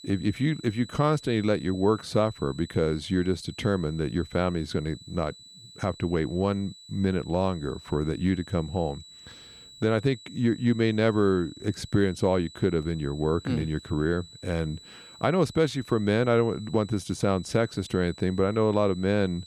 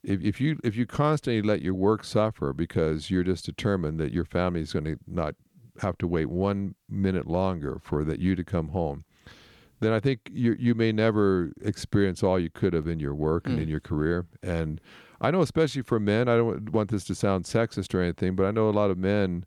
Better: second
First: high-pitched whine; noticeable; throughout; 4 kHz, 20 dB below the speech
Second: none

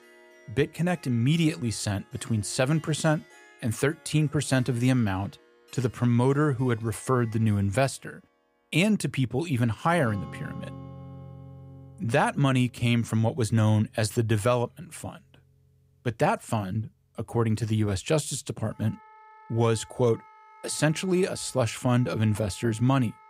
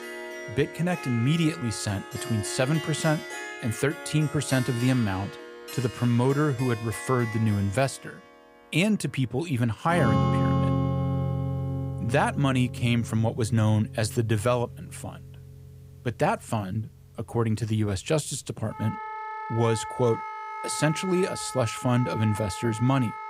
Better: first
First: background music; faint; throughout; 25 dB below the speech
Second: background music; loud; throughout; 7 dB below the speech

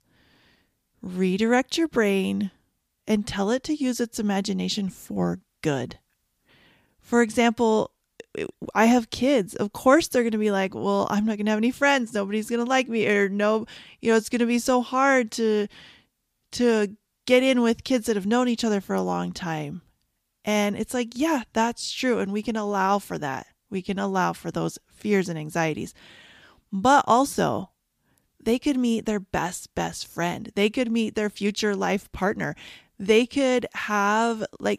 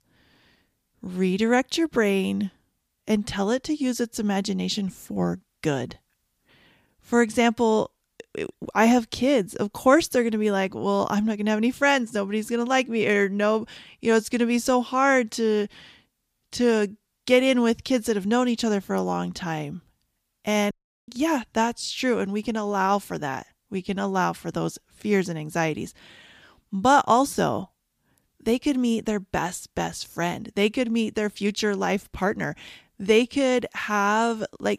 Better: first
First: none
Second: audio cutting out; at 21 s

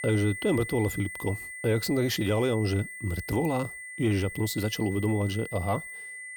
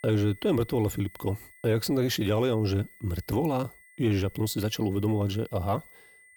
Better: second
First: high-pitched whine; loud; throughout; 2 kHz, 9 dB below the speech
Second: high-pitched whine; faint; throughout; 2 kHz, 25 dB below the speech

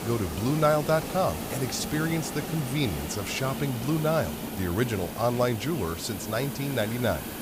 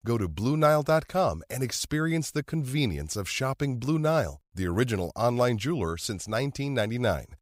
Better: second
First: hiss; loud; throughout; 7 dB below the speech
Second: none

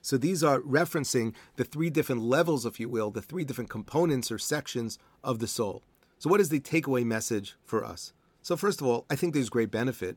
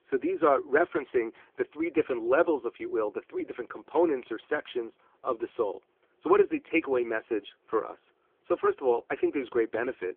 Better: first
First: none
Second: phone-call audio; poor line; nothing above 3.5 kHz

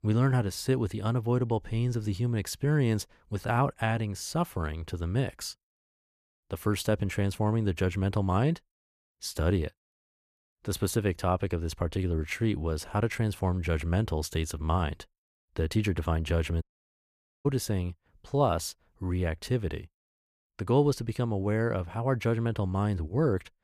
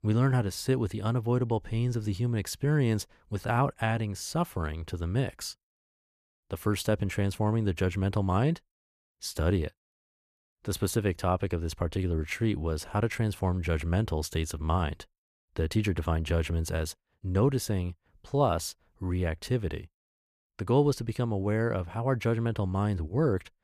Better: second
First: audio cutting out; at 17 s for 1 s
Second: none

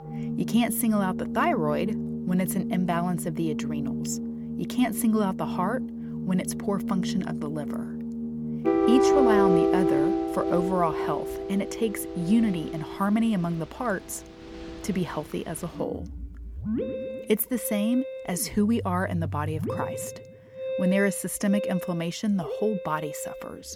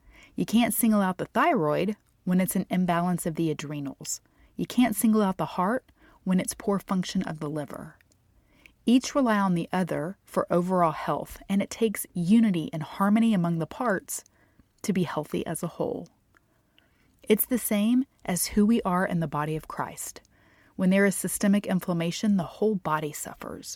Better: second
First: background music; loud; throughout; 2 dB below the speech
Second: none

